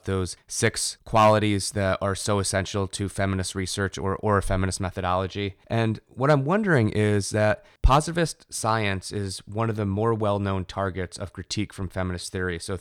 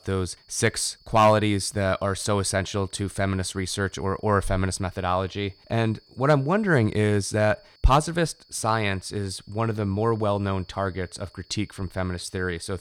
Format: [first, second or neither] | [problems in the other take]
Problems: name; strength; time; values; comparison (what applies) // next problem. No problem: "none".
first | high-pitched whine; faint; throughout; 4.5 kHz, 30 dB below the speech